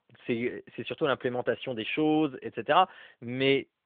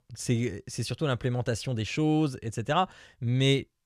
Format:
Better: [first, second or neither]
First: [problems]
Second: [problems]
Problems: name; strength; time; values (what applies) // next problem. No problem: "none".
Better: second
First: phone-call audio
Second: none